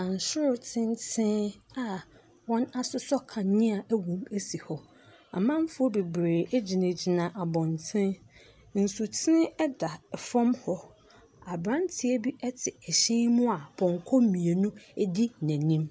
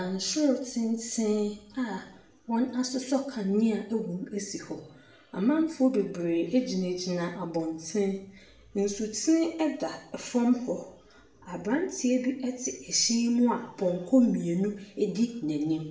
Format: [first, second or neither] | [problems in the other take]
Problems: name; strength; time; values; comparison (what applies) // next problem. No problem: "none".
first | room echo; dies away in 0.5 s